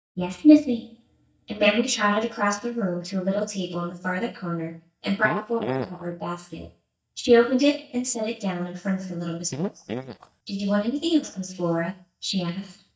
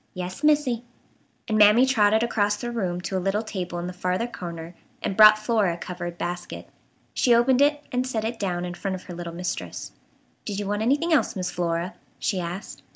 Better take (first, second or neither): second